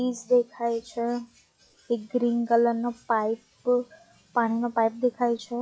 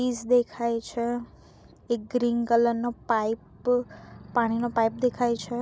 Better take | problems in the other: second | noise reduction (classical method log-MMSE)

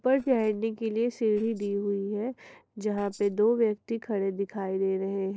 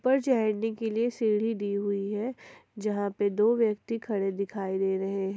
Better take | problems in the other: second | noise reduction (neural separator model SepFormer DNS4)

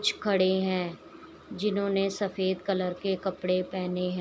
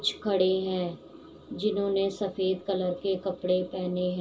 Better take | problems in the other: first | room echo; dies away in 0.2 s

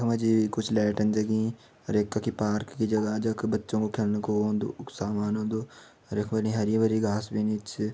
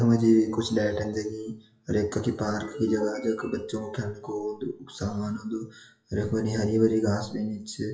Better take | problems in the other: first | noise reduction (classical method WPE with log-MMSE)

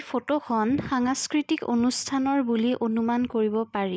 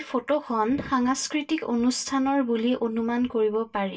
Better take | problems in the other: first | room echo; dies away in 0.1 s

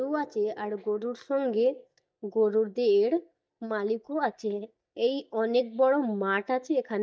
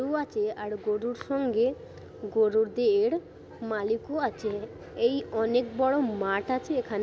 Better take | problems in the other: second | noise reduction (neural mask model DeepFilterNet 3)

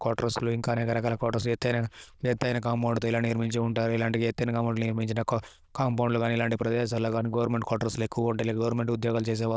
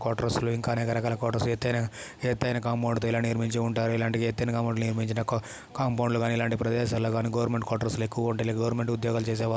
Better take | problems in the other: second | noise reduction (neural diffusion model UNIVERSE++)

